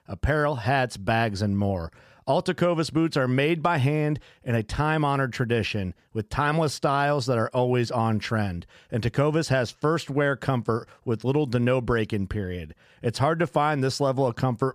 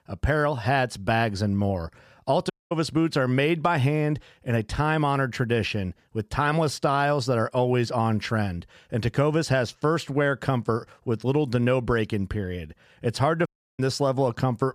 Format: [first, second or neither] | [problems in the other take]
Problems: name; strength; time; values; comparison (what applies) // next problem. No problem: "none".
first | audio cutting out; at 2.5 s and at 13 s